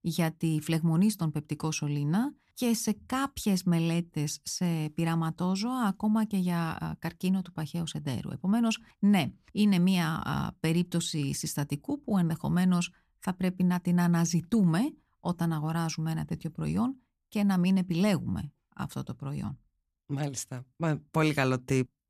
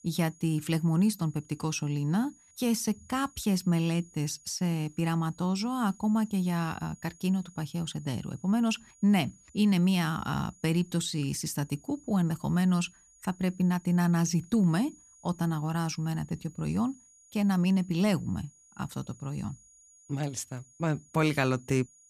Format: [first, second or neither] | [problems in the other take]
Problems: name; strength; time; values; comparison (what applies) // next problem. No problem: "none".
first | high-pitched whine; faint; throughout; 6.5 kHz, 25 dB below the speech